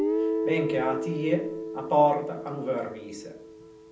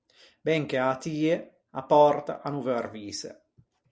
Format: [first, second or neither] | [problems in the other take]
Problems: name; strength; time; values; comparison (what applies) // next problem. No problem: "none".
second | background sound (Guitar); 3 dB below the speech // room echo; dies away in 0.6 s